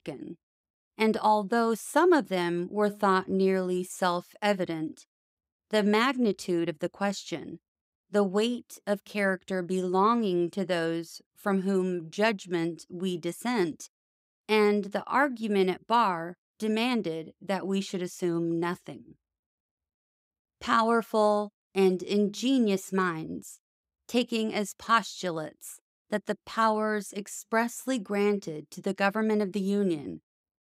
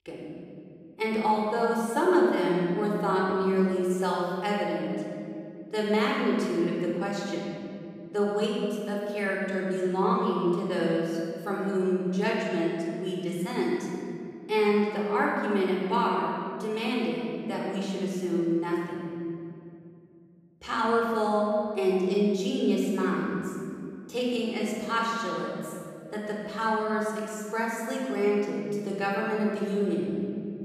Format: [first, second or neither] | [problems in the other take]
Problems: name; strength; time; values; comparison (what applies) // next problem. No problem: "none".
first | off-mic speech; somewhat distant // room echo; strong; dies away in 2.6 s